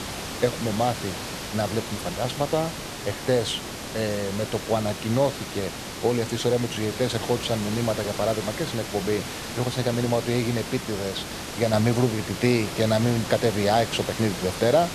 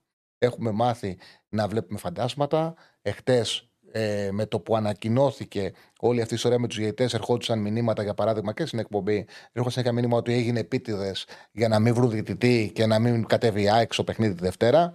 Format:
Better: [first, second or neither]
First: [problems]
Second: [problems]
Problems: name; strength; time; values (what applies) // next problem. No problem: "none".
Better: second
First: hiss; loud; throughout; 7 dB below the speech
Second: none